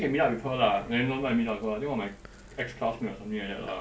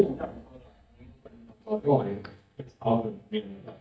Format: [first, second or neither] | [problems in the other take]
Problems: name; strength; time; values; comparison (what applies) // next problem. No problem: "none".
first | noise reduction (neural mask model DeepFilterNet 3)